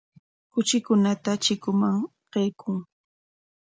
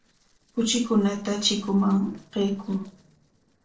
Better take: first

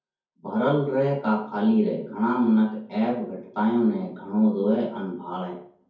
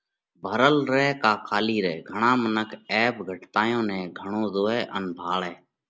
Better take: second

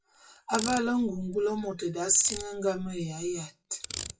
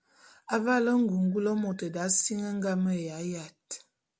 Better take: second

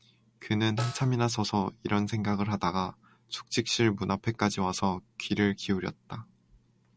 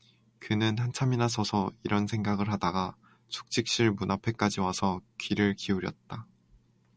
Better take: second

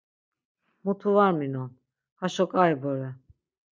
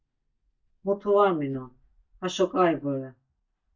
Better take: first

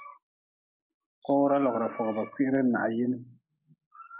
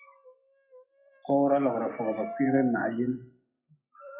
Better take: first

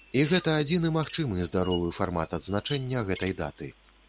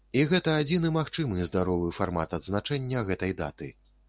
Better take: second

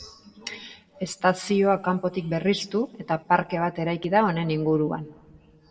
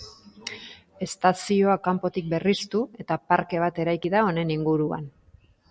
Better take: second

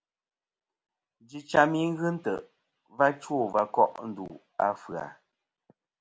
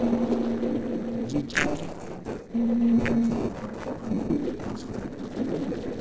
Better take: first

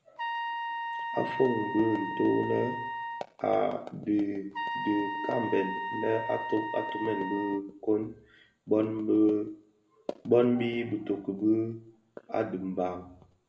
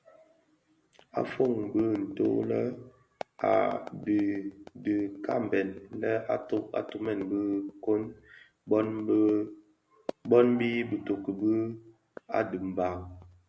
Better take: second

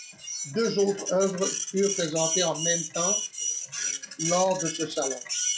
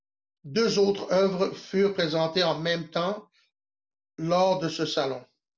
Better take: second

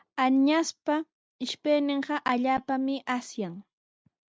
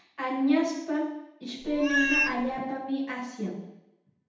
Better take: first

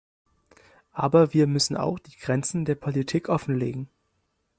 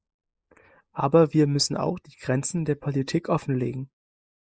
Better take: first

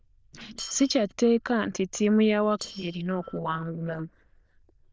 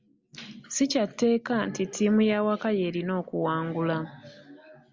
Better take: second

